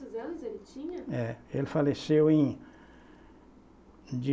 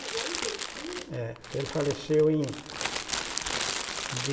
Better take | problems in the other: first | background sound (Crumpling, crinkling); 3 dB below the speech // room echo; dies away in 1.7 s

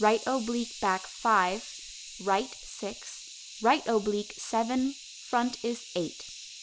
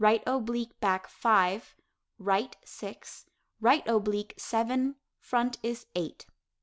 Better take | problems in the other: second | background sound (Hiss); 14 dB below the speech

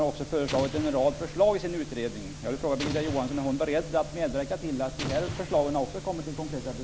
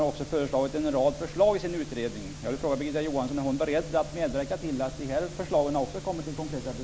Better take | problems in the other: second | background sound (Explosion); 11 dB below the speech

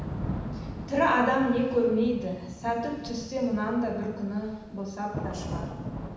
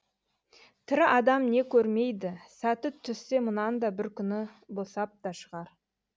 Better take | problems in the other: second | background sound (Thunder / Rain); 9 dB below the speech // room echo; dies away in 1.1 s

